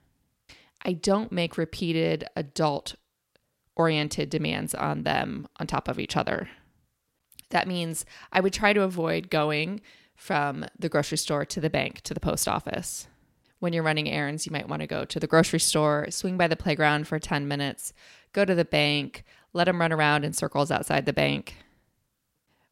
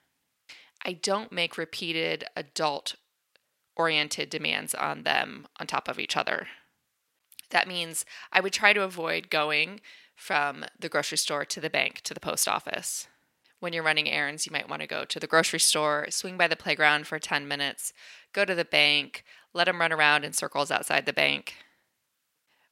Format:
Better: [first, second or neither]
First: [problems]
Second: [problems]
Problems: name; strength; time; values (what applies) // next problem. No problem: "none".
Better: first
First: none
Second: thin; somewhat; fading below 850 Hz